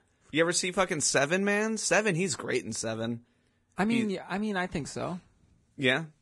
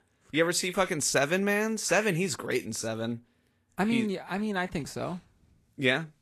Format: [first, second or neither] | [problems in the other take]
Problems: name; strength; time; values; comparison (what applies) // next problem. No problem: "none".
second | garbled, watery; badly; slightly in the second